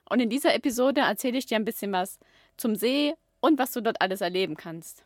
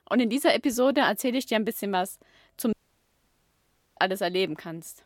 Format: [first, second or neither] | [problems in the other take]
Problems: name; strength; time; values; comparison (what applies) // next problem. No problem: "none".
first | audio cutting out; at 2.5 s for 1 s